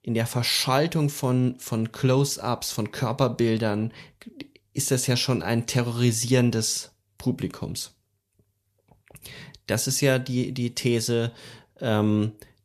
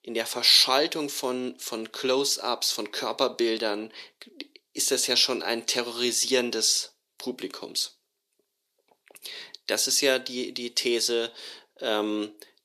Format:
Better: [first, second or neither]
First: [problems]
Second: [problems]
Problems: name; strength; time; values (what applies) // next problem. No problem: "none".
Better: first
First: none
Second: thin; somewhat; fading below 350 Hz